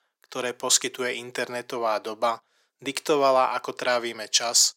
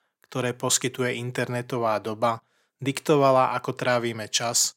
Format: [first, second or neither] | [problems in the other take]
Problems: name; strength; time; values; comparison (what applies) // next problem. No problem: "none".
second | thin; somewhat; fading below 350 Hz